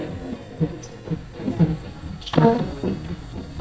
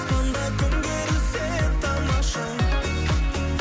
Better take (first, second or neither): second